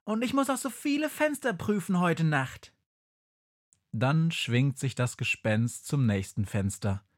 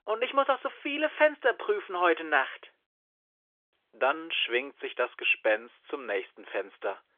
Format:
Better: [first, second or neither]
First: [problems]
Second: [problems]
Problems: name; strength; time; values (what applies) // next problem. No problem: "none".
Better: first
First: none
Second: phone-call audio; nothing above 3 kHz